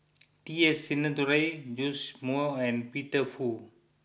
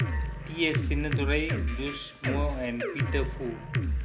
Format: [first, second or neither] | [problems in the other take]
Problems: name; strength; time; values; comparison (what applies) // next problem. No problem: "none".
first | background sound (Drum kit); 3 dB above the speech